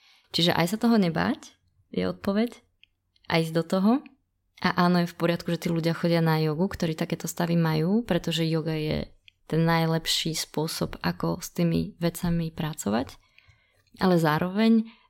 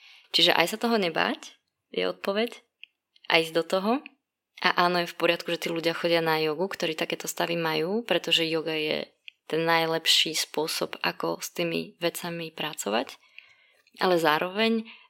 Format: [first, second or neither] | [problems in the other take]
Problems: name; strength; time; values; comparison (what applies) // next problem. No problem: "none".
first | thin; somewhat; fading below 400 Hz